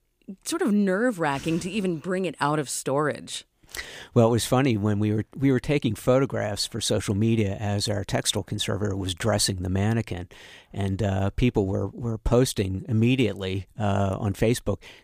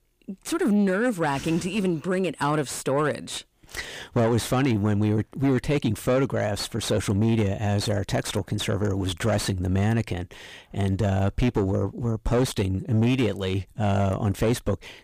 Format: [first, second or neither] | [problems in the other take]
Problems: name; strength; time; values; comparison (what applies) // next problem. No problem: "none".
first | distortion; slight; 10 dB below the speech